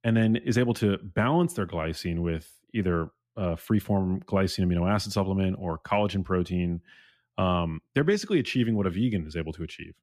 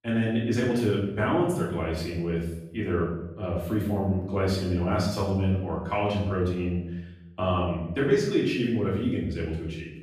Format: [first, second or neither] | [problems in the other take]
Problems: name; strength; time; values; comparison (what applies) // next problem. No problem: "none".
first | off-mic speech; far // room echo; noticeable; dies away in 0.8 s